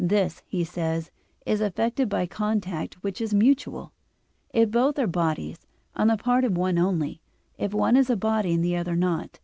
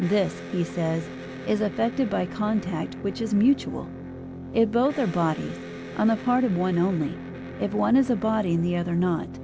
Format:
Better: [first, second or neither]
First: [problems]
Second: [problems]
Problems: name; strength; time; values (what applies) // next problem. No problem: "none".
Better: first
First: none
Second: background sound (Electric guitar); 12 dB below the speech